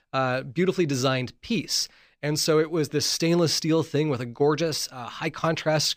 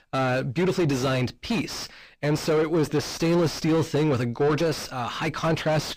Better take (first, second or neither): first